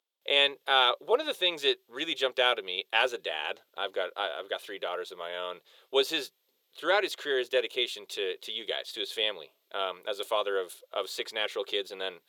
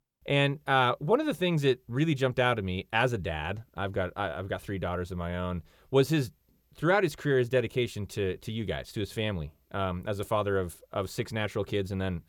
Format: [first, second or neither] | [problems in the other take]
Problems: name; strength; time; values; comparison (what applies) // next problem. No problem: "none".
second | thin; very; fading below 450 Hz